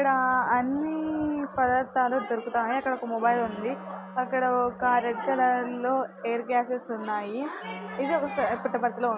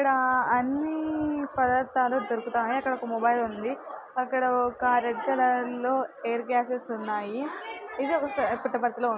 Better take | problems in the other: second | background sound (Wind instrument, woodwind instrument); 19 dB below the speech

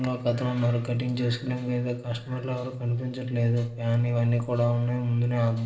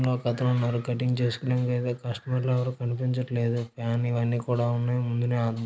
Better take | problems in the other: second | room echo; dies away in 0.6 s

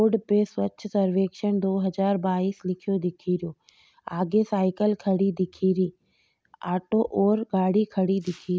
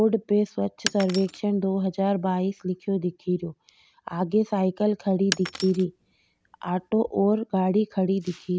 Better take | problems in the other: first | background sound (Shatter); 12 dB below the speech

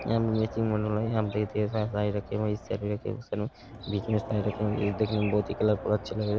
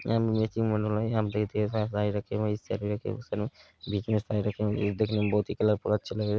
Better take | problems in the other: second | background sound (Crowd); 13 dB below the speech

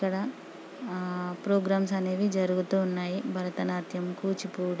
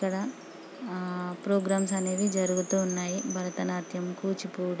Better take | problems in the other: first | background sound (Chime); 12 dB below the speech

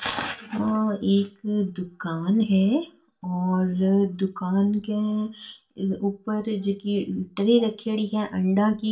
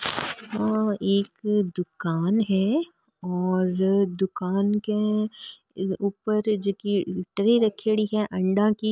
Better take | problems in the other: second | room echo; dies away in 0.2 s

